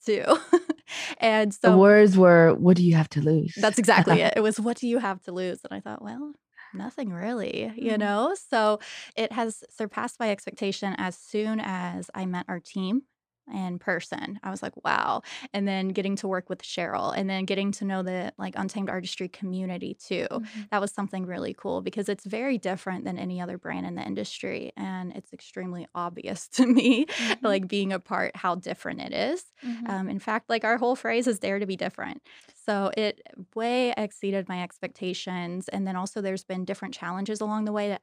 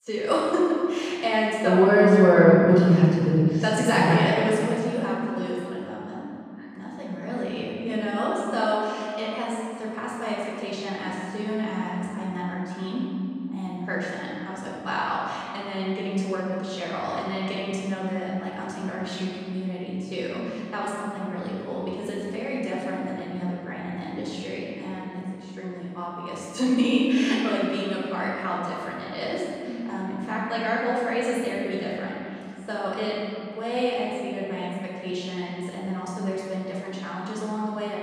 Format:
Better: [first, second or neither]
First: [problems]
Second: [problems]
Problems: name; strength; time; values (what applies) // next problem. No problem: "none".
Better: first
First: none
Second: off-mic speech; far // room echo; strong; dies away in 2.2 s